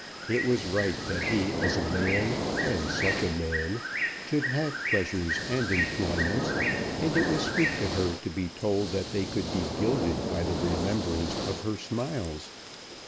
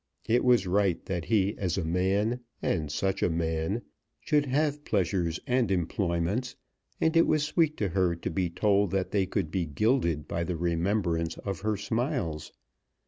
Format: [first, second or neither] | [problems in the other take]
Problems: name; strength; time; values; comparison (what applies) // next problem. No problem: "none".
second | background sound (Bird + Hiss); 1 dB below the speech